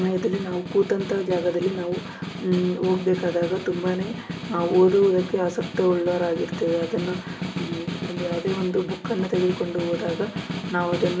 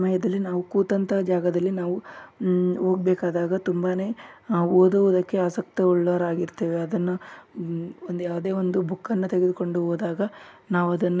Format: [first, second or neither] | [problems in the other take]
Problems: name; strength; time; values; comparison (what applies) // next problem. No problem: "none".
second | background sound (Snare drum); 8 dB below the speech // room echo; dies away in 0.5 s